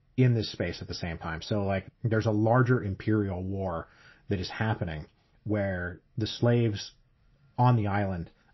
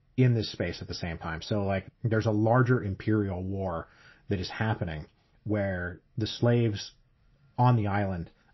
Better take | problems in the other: neither | garbled, watery; slightly; nothing above 5.5 kHz; the same in both

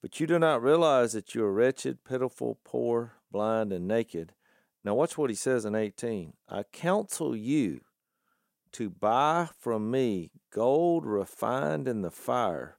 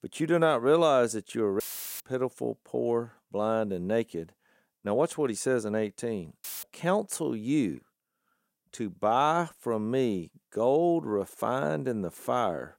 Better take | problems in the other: first | audio cutting out; filled with static; at 1.5 s and at 6.5 s

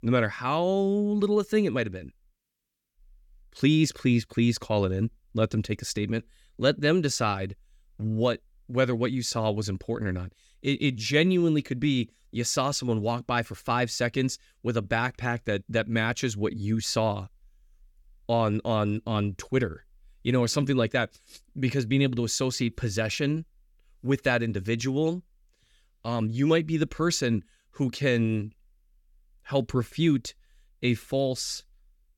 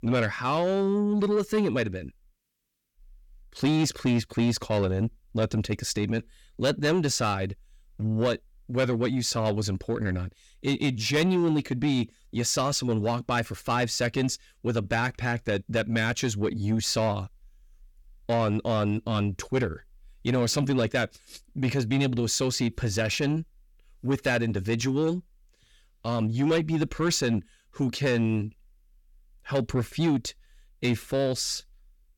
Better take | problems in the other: first | distortion; slight; 10 dB below the speech

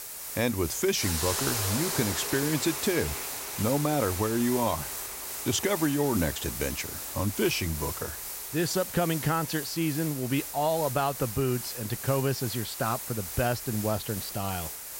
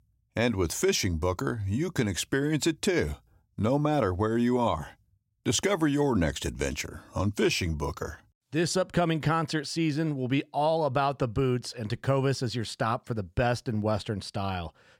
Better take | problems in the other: second | hiss; loud; throughout; 4 dB below the speech

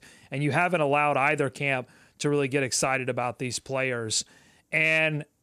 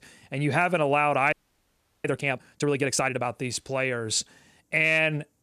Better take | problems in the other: first | audio freezing; at 1.5 s for 0.5 s

